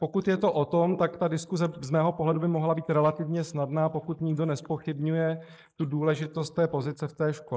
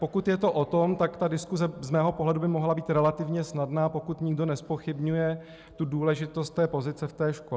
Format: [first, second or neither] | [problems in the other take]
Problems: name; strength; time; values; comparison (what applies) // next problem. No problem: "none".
second | noise reduction (neural mask model Resemble Enhance denoiser)